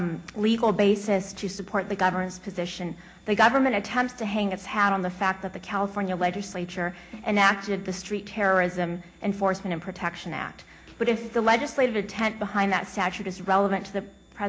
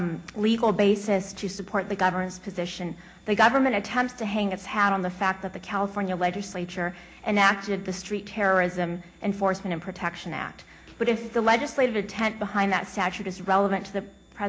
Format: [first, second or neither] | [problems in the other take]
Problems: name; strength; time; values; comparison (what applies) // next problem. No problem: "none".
second | background sound (Snare drum); 20 dB below the speech